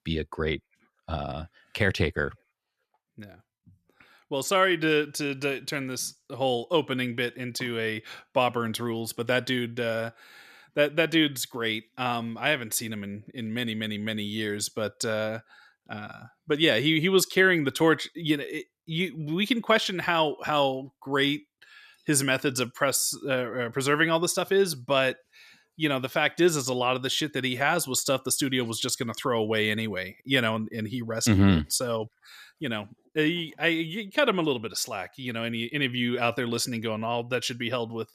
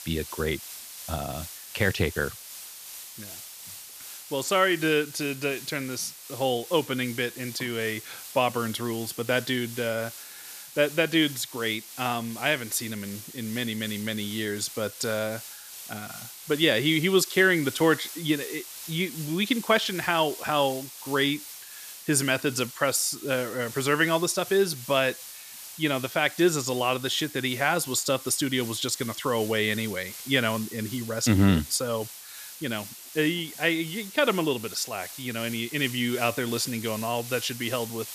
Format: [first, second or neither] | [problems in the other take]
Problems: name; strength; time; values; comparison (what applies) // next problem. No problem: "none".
first | hiss; noticeable; throughout; 15 dB below the speech